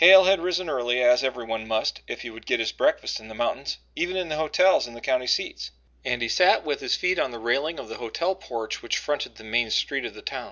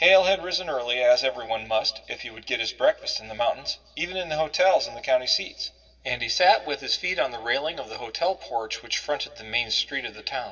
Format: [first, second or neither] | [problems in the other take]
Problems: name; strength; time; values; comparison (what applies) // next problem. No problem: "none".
first | room echo; dies away in 1.5 s